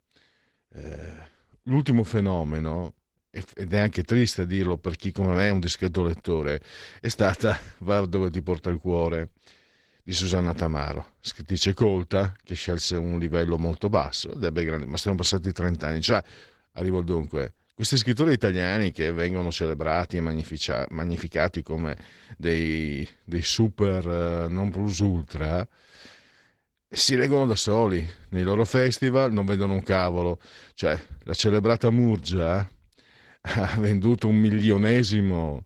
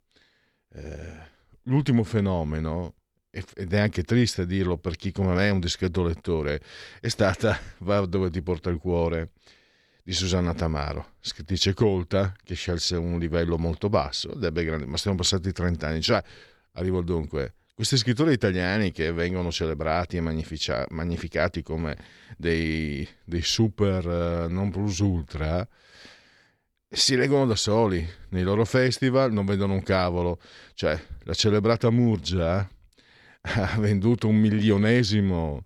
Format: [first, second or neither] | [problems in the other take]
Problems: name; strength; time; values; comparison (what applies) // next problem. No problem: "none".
second | garbled, watery; slightly